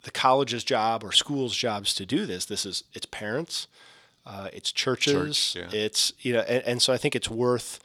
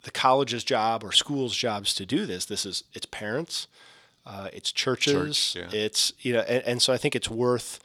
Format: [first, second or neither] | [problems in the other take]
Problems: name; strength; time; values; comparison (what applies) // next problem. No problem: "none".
neither | thin; somewhat; fading below 1 kHz; the same in both